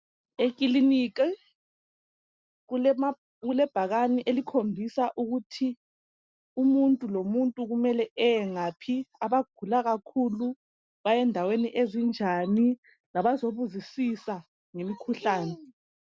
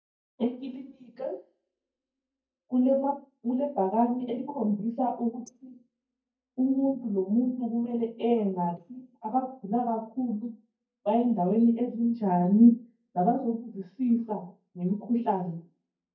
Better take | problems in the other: first | noise reduction (neural mask model DeepFilterNet 3)

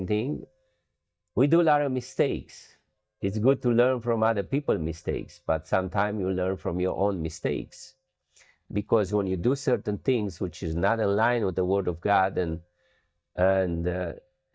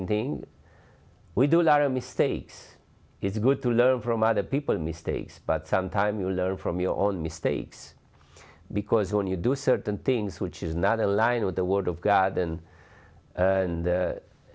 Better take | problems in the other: second | noise reduction (neural mask model DeepFilterNet 3)

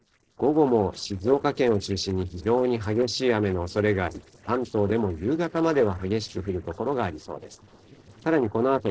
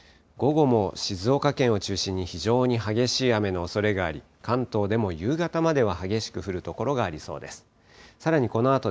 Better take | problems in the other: second | noise reduction (neural separator model SepFormer DNS4)

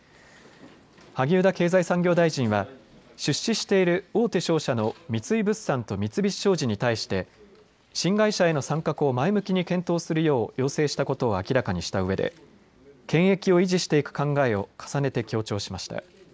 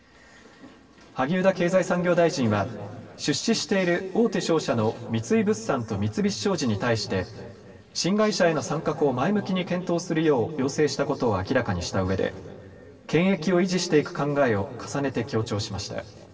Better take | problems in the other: first | room echo; dies away in 2.4 s

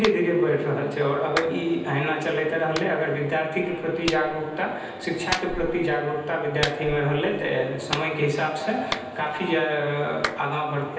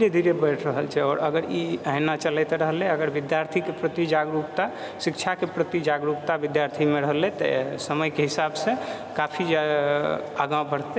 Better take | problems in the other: second | background sound (Clapping); 12 dB below the speech // room echo; dies away in 0.9 s

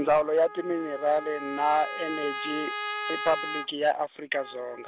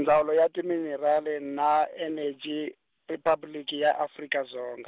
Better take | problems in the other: second | background sound (Trumpet); 8 dB below the speech

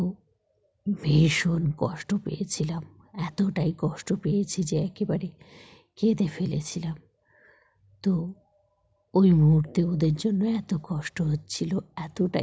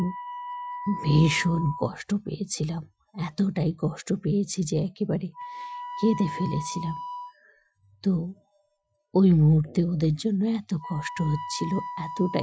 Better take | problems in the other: first | noise reduction (classical method Wiener filter)

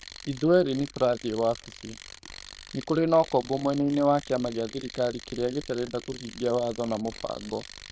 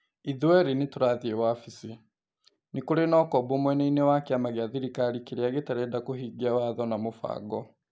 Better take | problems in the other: second | noise reduction (neural diffusion model UNIVERSE++)

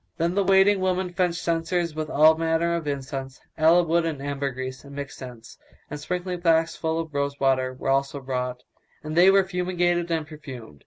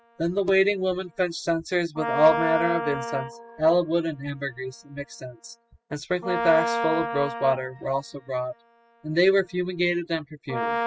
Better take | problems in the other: first | noise reduction (classical method spectral subtraction)

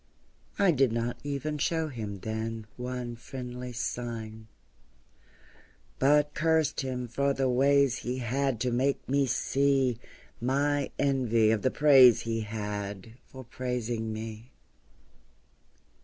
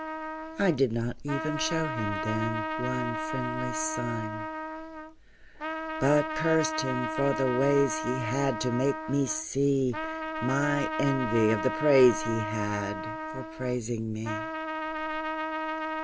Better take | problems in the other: first | background sound (Trumpet); 5 dB below the speech

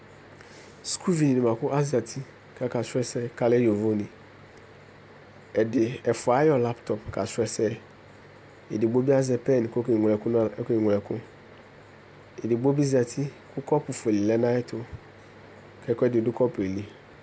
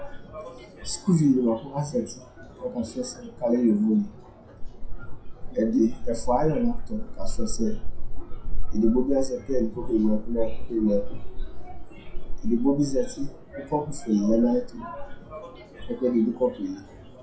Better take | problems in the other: first | noise reduction (classical method WPE with log-MMSE)

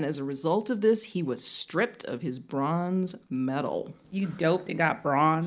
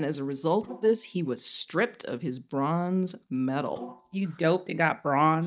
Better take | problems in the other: first | noise reduction (neural mask model DeepFilterNet 3)

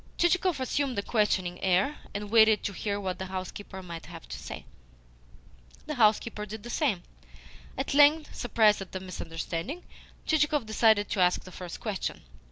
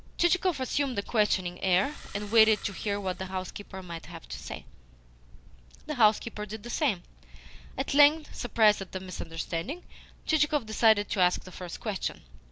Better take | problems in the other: first | background sound (Engine starting); 20 dB below the speech

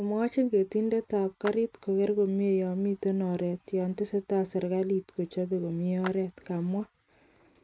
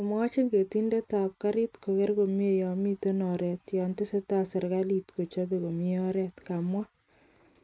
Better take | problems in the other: second | background sound (Clapping); 19 dB below the speech

